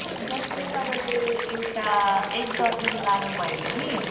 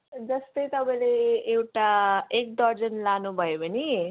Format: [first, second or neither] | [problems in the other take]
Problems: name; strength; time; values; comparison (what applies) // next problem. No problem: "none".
second | background sound (Water); 4 dB below the speech // room echo; dies away in 2.3 s